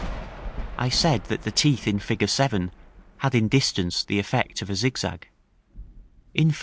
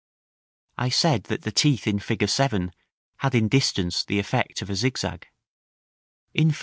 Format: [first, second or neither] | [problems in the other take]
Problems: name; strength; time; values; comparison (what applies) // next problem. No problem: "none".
second | background sound (Thunder); 14 dB below the speech